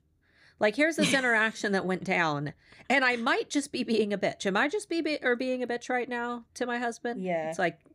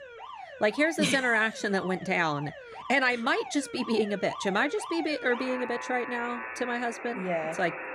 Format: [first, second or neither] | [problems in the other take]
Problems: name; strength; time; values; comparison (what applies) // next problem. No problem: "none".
first | alarms or sirens; noticeable; throughout; 10 dB below the speech